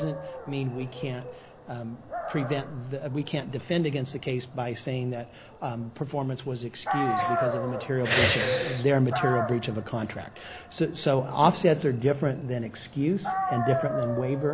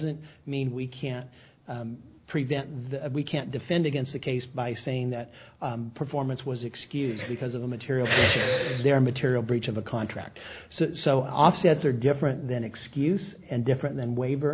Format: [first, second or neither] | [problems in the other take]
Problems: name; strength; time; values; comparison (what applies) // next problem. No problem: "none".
second | background sound (Dog); 7 dB below the speech